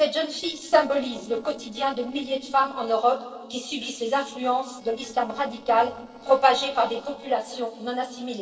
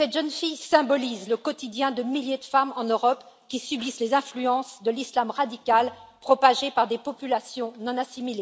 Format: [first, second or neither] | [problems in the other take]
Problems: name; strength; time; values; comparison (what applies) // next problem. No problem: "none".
second | noise reduction (neural separator model SepFormer DNS4)